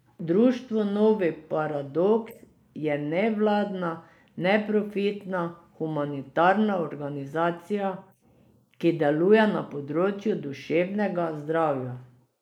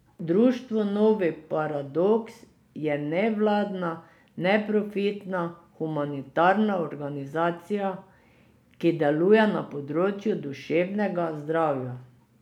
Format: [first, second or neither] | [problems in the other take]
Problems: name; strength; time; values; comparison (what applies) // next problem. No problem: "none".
second | noise reduction (neural mask model Resemble Enhance denoiser)